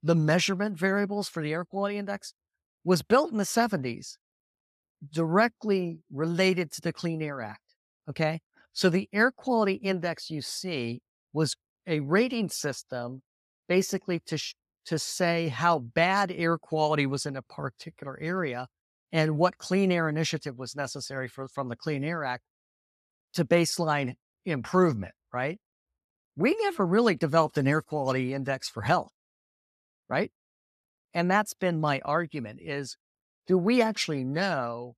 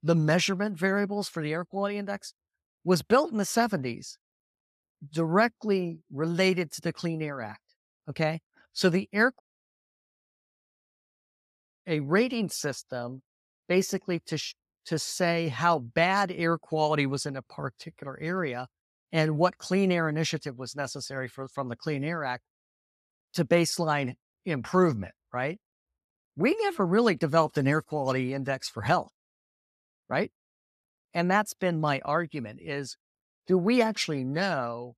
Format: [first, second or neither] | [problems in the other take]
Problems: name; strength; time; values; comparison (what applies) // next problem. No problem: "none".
first | audio cutting out; at 9.5 s for 2.5 s